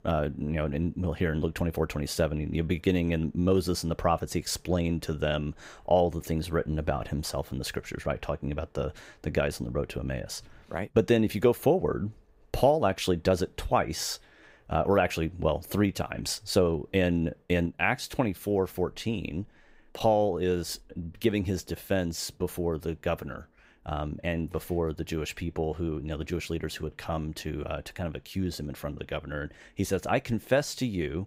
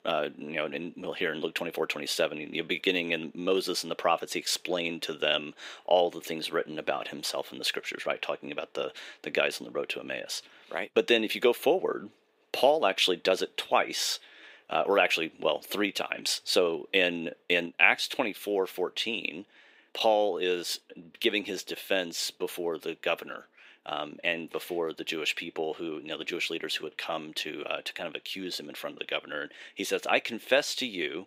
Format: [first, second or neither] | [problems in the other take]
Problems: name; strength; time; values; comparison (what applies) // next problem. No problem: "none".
first | thin; somewhat; fading below 300 Hz